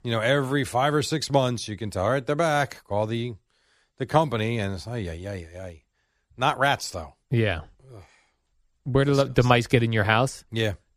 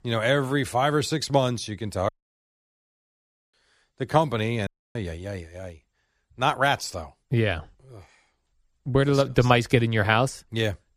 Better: first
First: none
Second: audio cutting out; at 2 s for 1.5 s and at 4.5 s

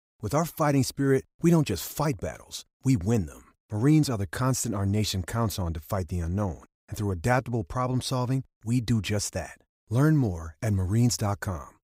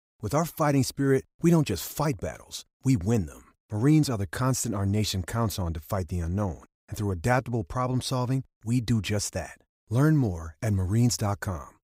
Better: neither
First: none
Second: none

